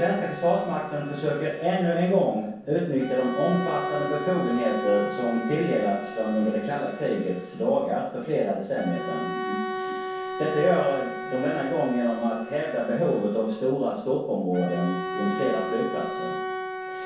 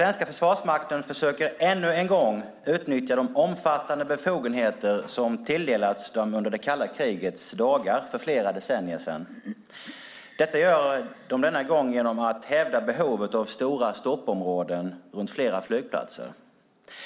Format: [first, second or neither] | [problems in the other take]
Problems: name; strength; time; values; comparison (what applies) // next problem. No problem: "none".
second | background sound (Bowed string instrument); 8 dB below the speech // room echo; dies away in 0.6 s